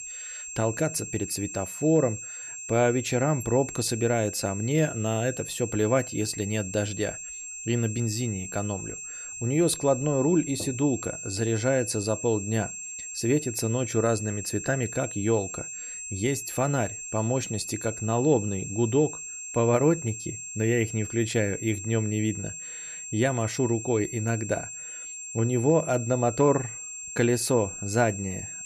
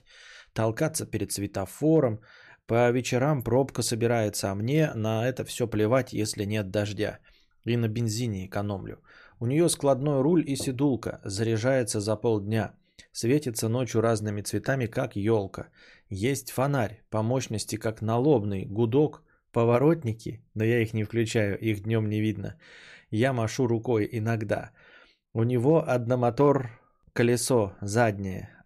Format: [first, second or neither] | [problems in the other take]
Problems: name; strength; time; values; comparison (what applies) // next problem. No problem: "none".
second | high-pitched whine; loud; throughout; 7.5 kHz, 8 dB below the speech